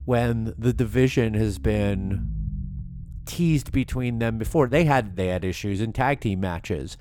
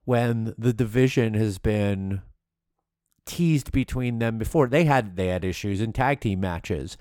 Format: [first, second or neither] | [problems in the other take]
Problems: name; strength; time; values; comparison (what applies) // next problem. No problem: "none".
second | low rumble; faint; throughout; 25 dB below the speech